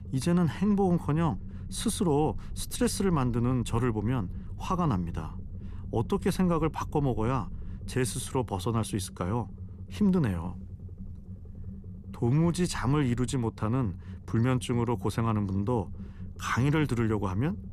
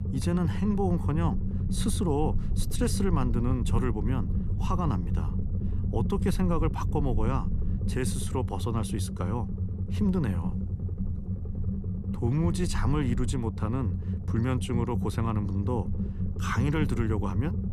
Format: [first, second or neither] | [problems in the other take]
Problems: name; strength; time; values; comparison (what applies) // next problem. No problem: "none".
first | low rumble; loud; throughout; 9 dB below the speech; faint in the first